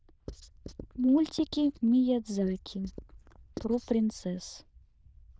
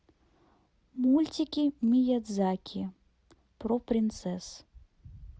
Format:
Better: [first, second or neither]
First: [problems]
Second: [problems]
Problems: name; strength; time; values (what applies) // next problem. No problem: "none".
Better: second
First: noise reduction (neural diffusion model UNIVERSE++)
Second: none